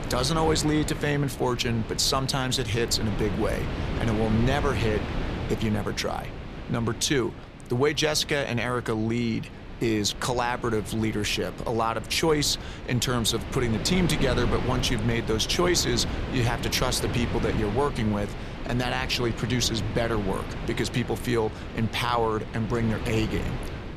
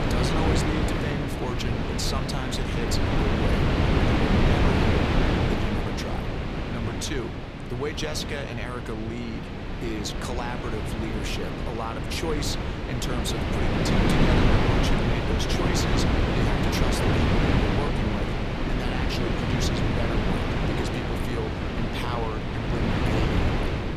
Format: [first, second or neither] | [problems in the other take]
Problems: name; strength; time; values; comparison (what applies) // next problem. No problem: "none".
first | wind noise on the microphone; heavy; 5 dB above the speech; occasional gusts in the first